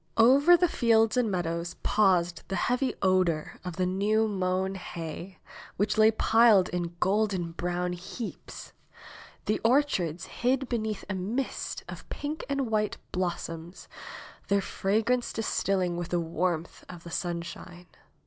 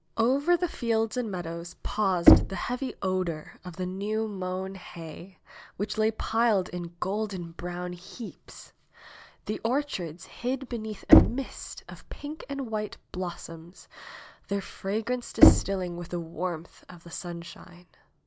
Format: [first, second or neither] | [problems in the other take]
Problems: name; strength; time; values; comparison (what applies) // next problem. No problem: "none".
first | background sound (Knock); 4 dB above the speech